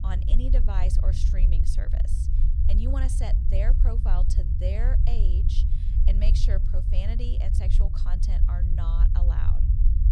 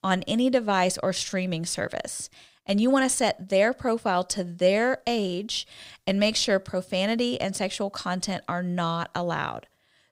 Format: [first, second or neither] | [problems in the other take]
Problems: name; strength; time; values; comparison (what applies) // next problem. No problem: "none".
second | low rumble; loud; throughout; 3 dB below the speech